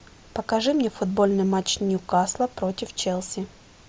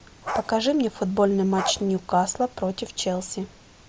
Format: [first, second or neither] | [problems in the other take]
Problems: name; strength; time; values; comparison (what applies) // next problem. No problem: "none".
first | background sound (Bark); 10 dB below the speech